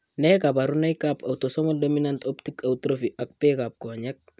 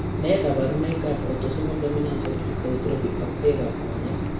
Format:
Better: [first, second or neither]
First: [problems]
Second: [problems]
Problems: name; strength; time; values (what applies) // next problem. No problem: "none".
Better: first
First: none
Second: background sound (Mechanisms); 1 dB below the speech // room echo; dies away in 0.7 s